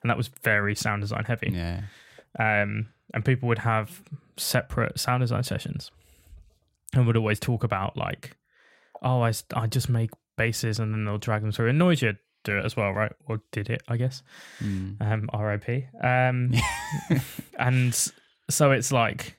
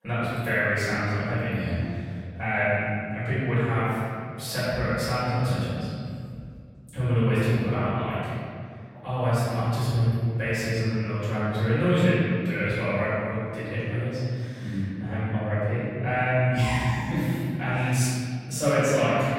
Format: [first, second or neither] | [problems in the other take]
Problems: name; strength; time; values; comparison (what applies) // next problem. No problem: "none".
first | off-mic speech; far // room echo; strong; dies away in 2.1 s